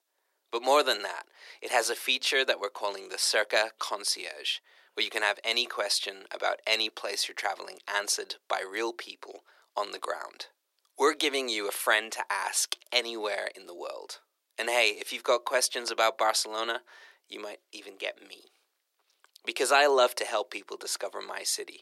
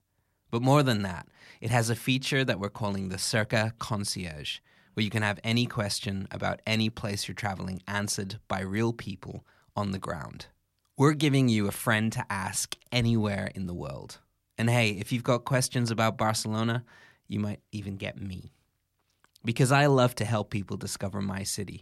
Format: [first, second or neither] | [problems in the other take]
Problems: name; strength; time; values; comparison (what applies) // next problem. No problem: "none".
second | thin; very; fading below 400 Hz